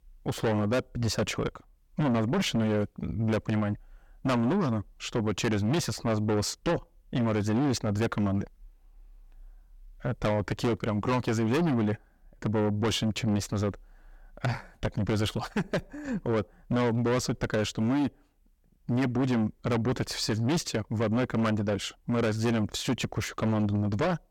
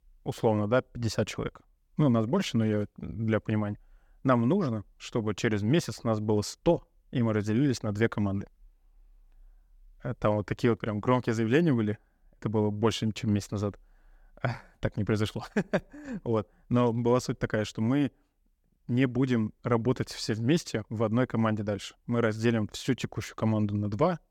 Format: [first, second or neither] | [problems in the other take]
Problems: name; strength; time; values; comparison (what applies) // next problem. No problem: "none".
second | distortion; heavy; 6 dB below the speech